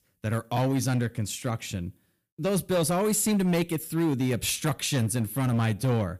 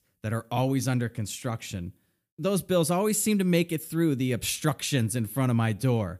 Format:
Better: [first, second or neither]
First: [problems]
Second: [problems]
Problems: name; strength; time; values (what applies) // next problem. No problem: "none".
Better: second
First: distortion; slight; 11% of the sound clipped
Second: none